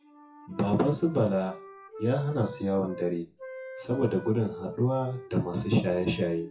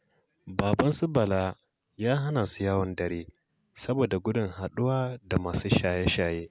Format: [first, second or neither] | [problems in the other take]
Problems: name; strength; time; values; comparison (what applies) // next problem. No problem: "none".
second | noise reduction (classical method WPE with log-MMSE)